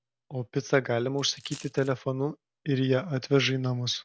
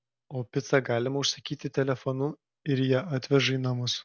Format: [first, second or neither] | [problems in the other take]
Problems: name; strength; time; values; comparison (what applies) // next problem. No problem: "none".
second | background sound (Coin (dropping)); 20 dB below the speech